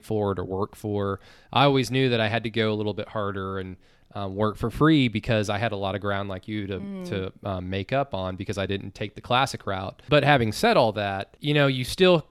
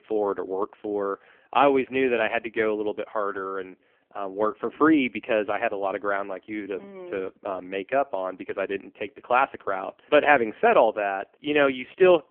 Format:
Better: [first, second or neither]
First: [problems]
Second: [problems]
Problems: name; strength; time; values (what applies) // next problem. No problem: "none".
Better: first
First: none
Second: phone-call audio; poor line; nothing above 3 kHz